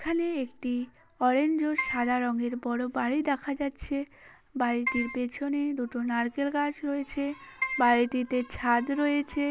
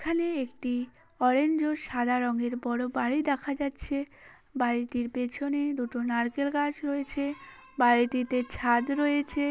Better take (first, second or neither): second